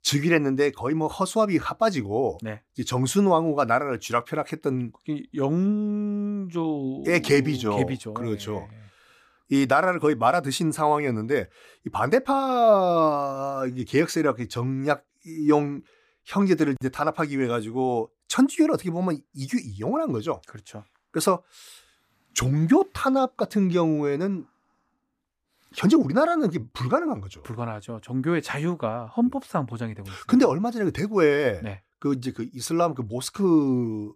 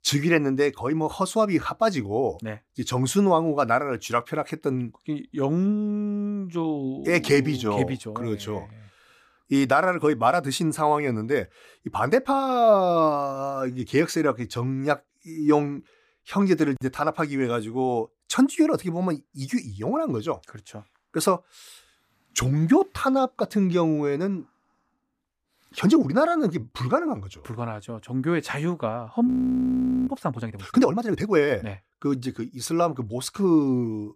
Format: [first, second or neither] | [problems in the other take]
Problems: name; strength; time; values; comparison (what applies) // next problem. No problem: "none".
first | audio freezing; at 29 s for 1 s